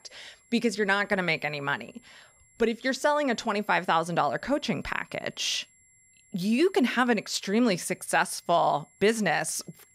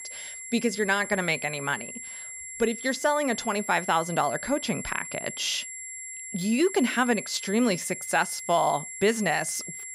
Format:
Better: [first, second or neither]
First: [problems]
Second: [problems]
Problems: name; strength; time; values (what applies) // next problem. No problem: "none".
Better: first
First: high-pitched whine; faint; throughout; 7.5 kHz, 30 dB below the speech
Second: high-pitched whine; loud; throughout; 7.5 kHz, 9 dB below the speech